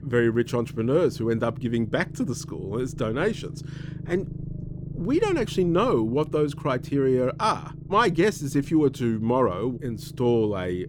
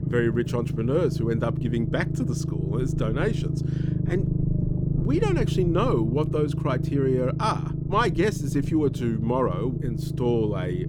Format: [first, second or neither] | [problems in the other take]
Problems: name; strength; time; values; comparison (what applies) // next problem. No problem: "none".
first | low rumble; loud; throughout; 9 dB below the speech; faint in the first